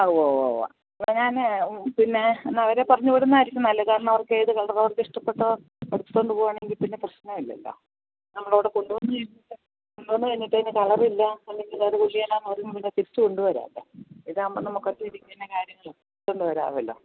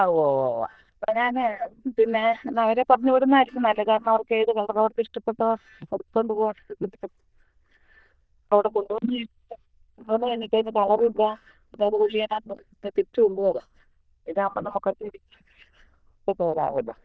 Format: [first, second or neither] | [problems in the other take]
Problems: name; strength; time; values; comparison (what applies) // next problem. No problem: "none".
first | noise reduction (neural diffusion model UNIVERSE++)